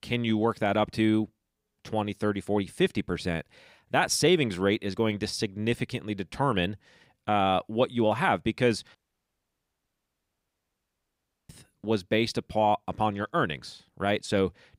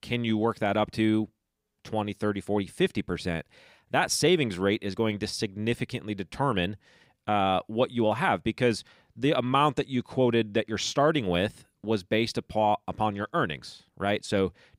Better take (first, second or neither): second